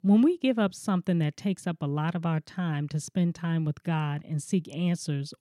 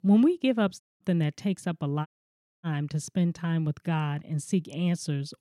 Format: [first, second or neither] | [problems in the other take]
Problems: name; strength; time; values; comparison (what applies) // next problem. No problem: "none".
first | audio cutting out; at 1 s and at 2 s for 0.5 s